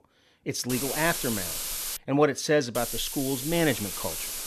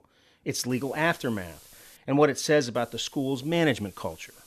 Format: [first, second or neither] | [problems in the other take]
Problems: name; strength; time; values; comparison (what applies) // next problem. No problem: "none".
second | hiss; loud; from 0.5 to 2 s and from 3 s on; 4 dB below the speech; faint in the second